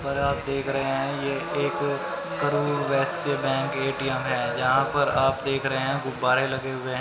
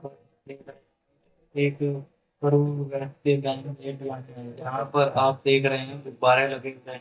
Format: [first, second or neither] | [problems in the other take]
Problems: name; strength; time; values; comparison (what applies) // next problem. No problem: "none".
first | noise reduction (neural mask model DeepFilterNet 3)